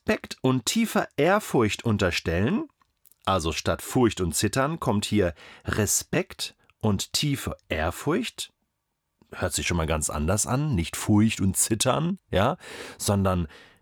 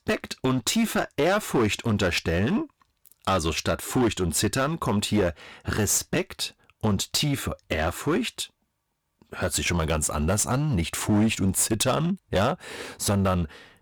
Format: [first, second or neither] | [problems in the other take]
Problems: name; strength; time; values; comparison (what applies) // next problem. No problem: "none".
first | distortion; slight; 8% of the sound clipped